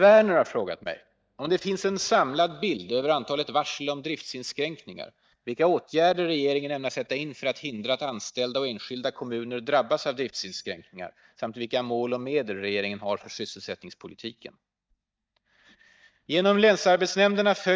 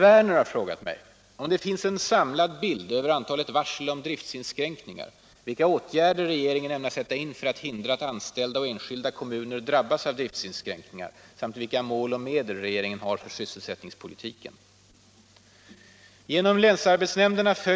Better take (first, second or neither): second